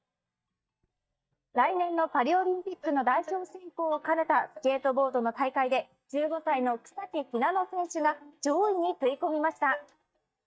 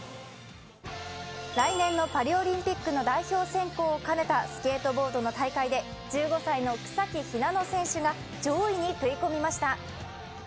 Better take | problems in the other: second | noise reduction (neural mask model DeepFilterNet 3)

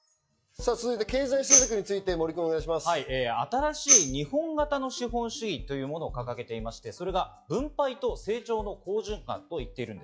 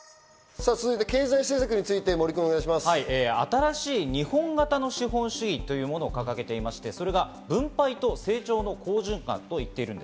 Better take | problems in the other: second | noise reduction (classical method log-MMSE)

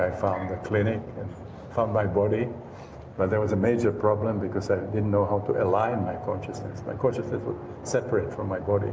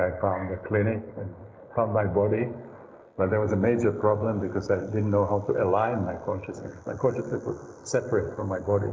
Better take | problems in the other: first | noise reduction (neural mask model Resemble Enhance denoiser)

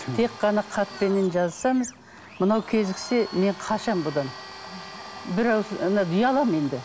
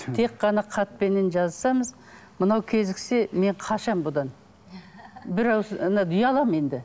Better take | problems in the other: second | background sound (Domestic sounds, home sounds); 16 dB below the speech

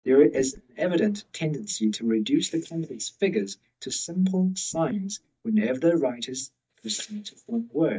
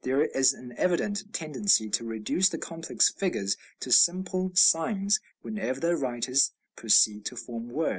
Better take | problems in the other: second | noise reduction (neural mask model DeepFilterNet 3)

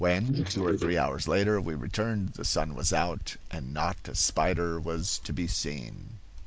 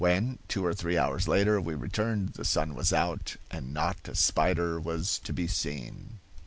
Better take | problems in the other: second | noise reduction (neural mask model Resemble Enhance denoiser)

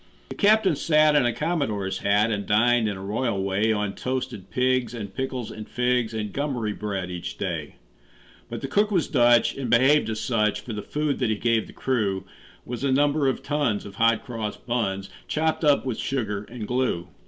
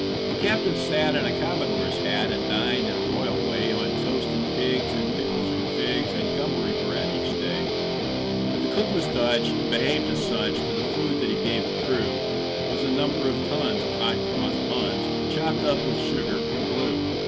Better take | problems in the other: first | background sound (Guitar); 4 dB above the speech

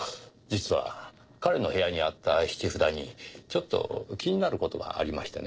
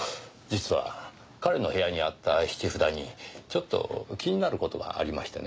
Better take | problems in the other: second | noise reduction (neural separator model SepFormer DNS4)

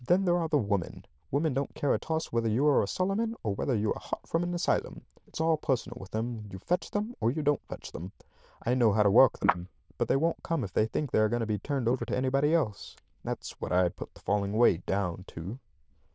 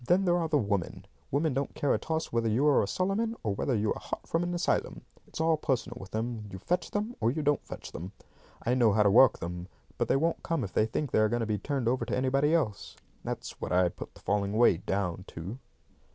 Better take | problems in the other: second | noise reduction (neural diffusion model UNIVERSE++)

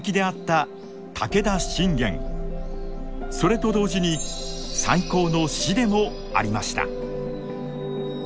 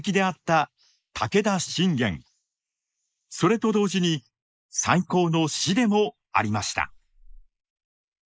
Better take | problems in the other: first | noise reduction (neural mask model Resemble Enhance denoiser)

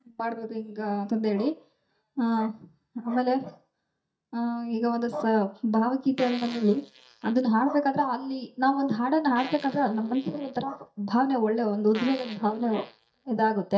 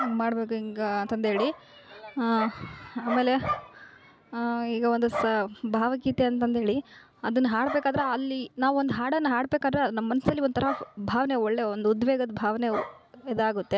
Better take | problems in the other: second | noise reduction (neural mask model DeepFilterNet 3)

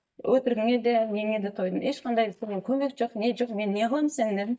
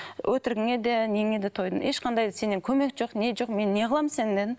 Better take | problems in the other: second | noise reduction (neural mask model DeepFilterNet 3)

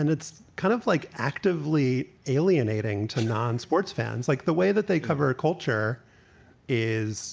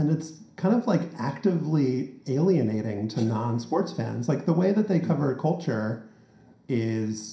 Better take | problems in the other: first | room echo; dies away in 0.5 s

